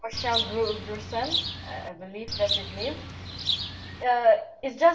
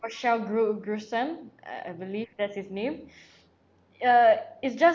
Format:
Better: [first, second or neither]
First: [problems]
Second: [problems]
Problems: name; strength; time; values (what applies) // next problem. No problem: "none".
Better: second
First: background sound (Bird); 5 dB below the speech // room echo; dies away in 0.2 s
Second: none